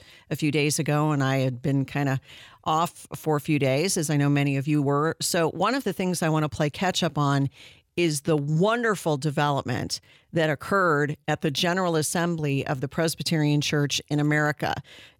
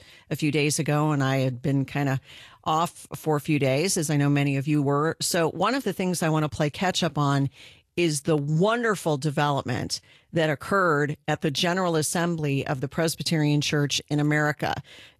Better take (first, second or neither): first